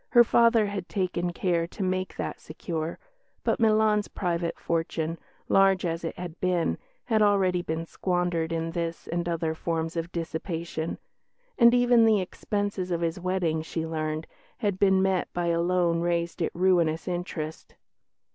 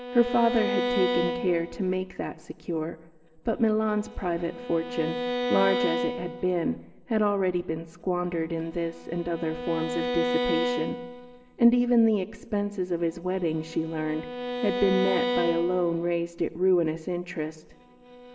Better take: first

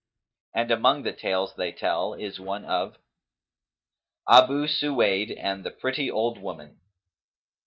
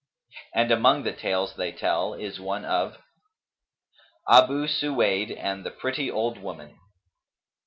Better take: second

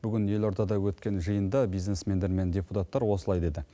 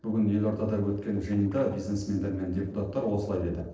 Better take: first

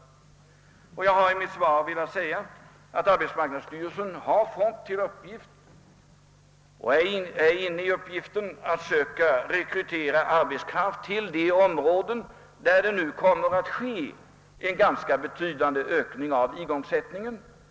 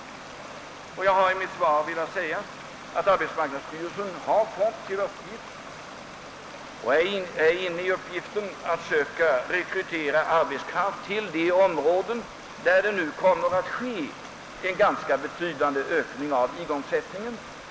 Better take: first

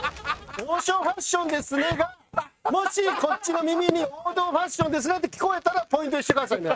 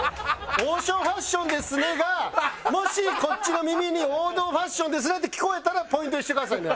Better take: second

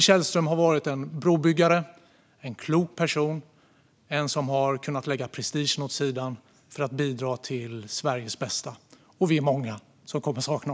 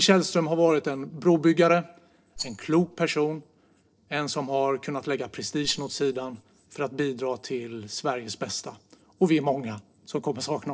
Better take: first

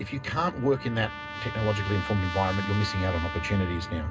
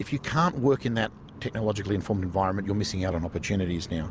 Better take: second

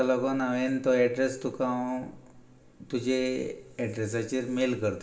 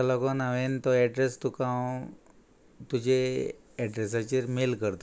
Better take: second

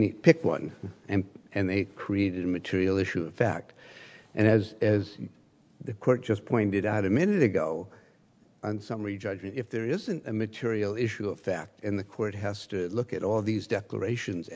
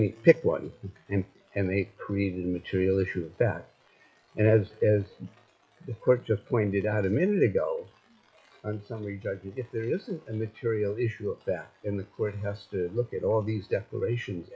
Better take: first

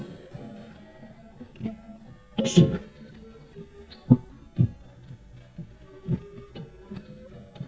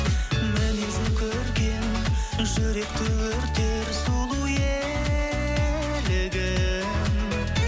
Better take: second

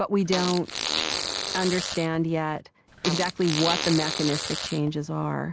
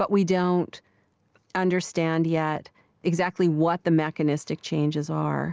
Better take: second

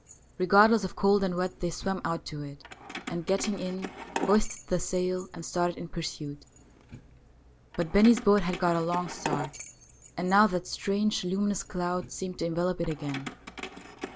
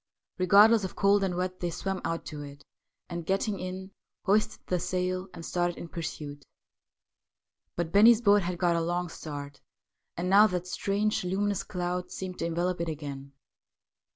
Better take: second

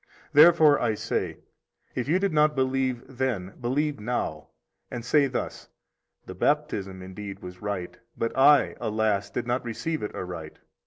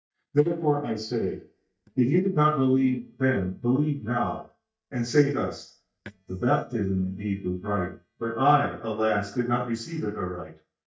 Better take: first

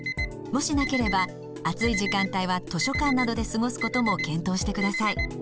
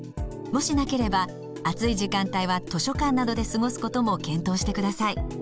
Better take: second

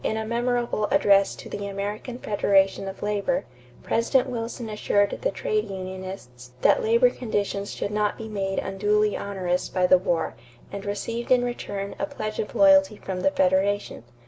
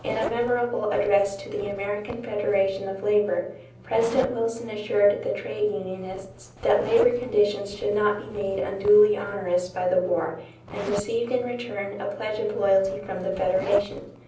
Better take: first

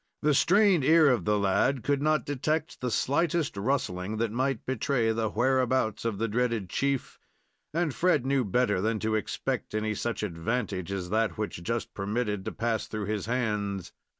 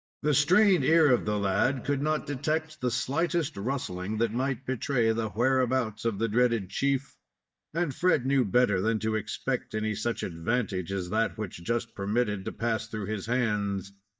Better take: first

